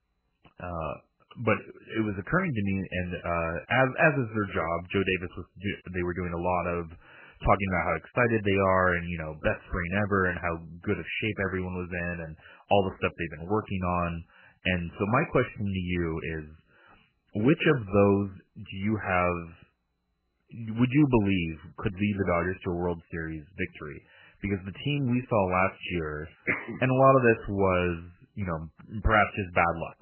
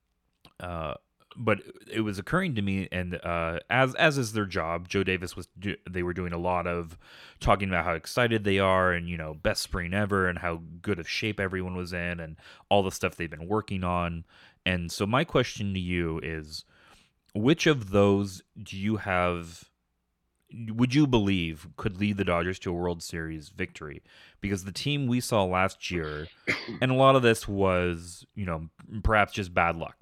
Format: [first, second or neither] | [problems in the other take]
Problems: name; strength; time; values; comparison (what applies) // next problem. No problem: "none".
second | garbled, watery; badly; nothing above 3 kHz